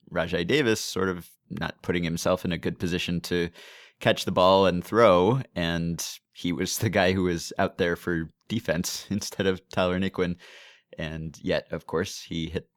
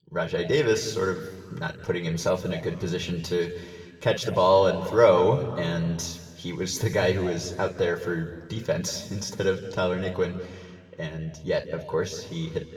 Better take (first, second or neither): first